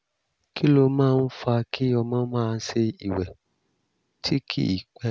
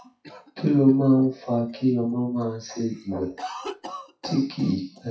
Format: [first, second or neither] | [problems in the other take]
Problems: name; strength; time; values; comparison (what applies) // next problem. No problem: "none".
first | noise reduction (classical method WPE with log-MMSE)